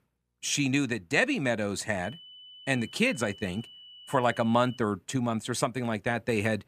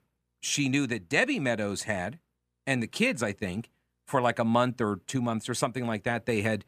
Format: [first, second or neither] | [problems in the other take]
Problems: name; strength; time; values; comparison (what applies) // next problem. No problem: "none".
second | high-pitched whine; noticeable; from 2 to 5 s; 3 kHz, 20 dB below the speech